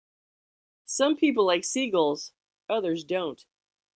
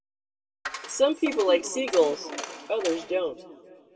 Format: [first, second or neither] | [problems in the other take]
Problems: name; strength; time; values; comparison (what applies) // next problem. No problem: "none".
first | background sound (Coin (dropping)); 12 dB below the speech // room echo; dies away in 1.9 s